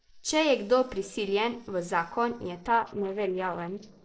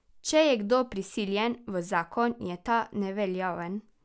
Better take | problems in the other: second | noise reduction (neural separator model SepFormer DNS4)

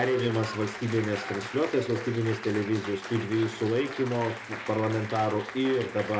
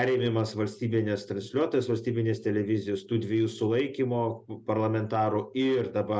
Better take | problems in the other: second | background sound (Applause); 10 dB below the speech

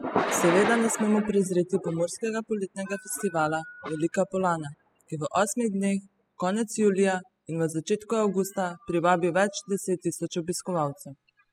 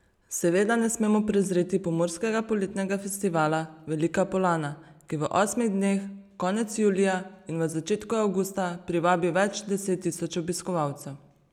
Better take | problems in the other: second | noise reduction (classical method spectral subtraction)

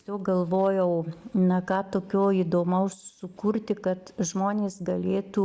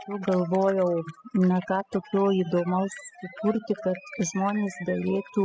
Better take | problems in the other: first | noise reduction (classical method spectral subtraction)

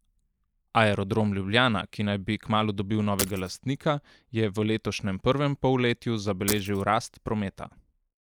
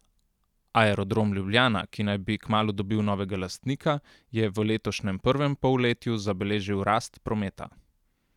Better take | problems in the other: second | noise reduction (neural mask model Resemble Enhance denoiser)

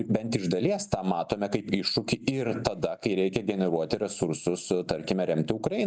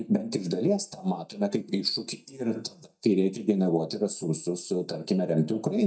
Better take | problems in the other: first | noise reduction (neural mask model DeepFilterNet 3)

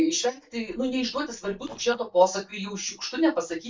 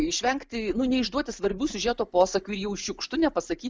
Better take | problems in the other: second | noise reduction (neural mask model DeepFilterNet 3)

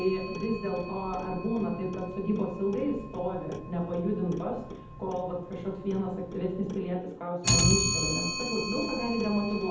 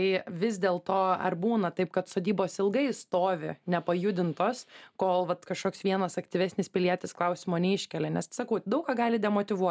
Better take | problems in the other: second | background sound (Clock); 3 dB below the speech // room echo; dies away in 0.8 s

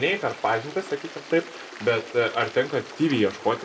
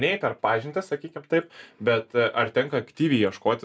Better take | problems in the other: second | background sound (Stream); 15 dB below the speech // room echo; dies away in 0.3 s

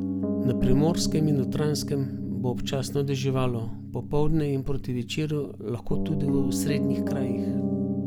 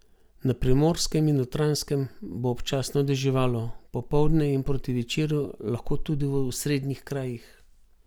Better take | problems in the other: second | background sound (Piano); 2 dB below the speech

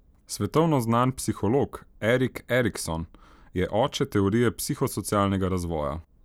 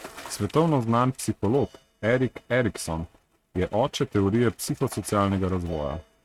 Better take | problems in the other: first | noise reduction (neural mask model RNNoise)

